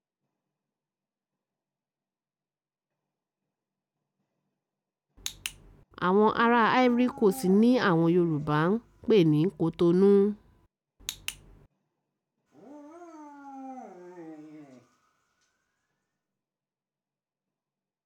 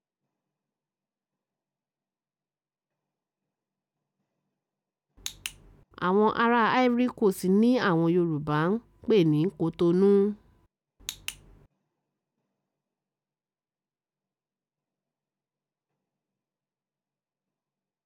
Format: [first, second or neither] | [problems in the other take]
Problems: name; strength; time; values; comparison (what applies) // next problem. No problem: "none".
second | background sound (Dog); 19 dB below the speech